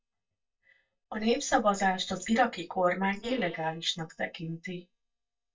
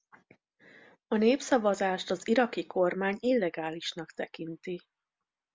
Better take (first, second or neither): second